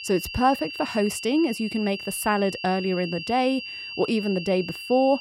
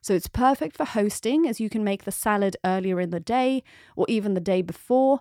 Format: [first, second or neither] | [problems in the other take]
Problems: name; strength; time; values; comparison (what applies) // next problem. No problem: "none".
second | high-pitched whine; loud; throughout; 2.5 kHz, 9 dB below the speech